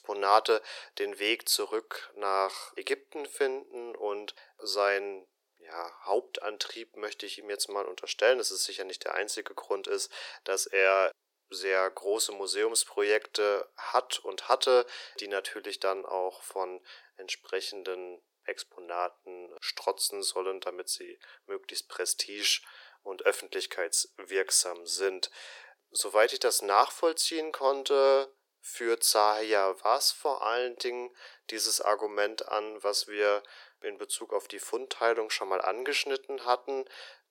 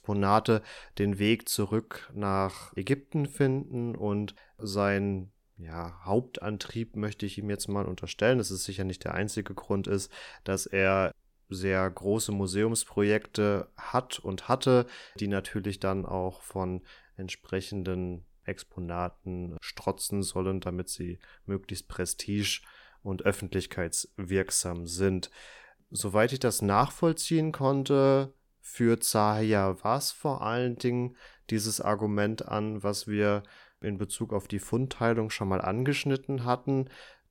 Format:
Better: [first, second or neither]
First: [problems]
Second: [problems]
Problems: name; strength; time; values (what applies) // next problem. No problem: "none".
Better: second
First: thin; very; fading below 400 Hz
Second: none